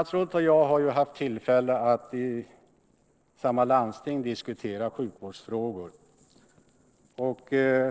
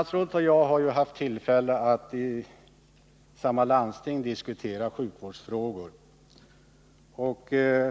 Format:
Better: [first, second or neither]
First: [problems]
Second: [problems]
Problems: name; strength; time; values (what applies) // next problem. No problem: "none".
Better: second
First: noise reduction (neural separator model SepFormer DNS4)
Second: none